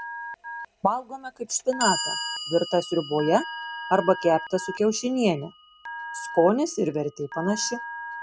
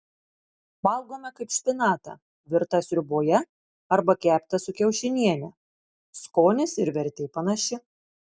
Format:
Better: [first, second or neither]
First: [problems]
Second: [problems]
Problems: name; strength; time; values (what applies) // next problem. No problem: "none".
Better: second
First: background sound (Telephone + Clock); 10 dB below the speech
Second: none